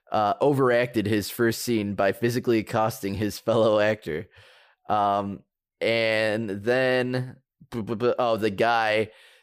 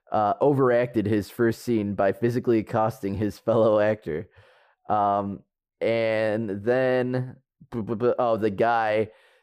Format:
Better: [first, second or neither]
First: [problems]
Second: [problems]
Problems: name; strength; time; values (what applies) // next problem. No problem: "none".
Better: first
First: none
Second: muffled; slightly; fading above 2 kHz